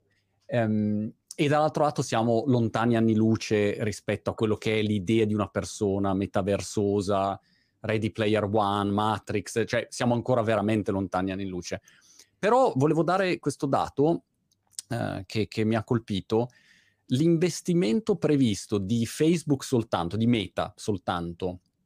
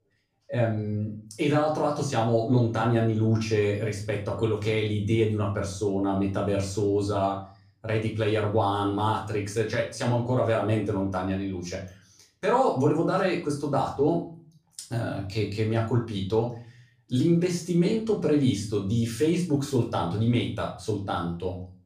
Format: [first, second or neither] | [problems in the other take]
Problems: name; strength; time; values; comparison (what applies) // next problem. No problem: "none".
first | off-mic speech; far // room echo; slight; dies away in 0.4 s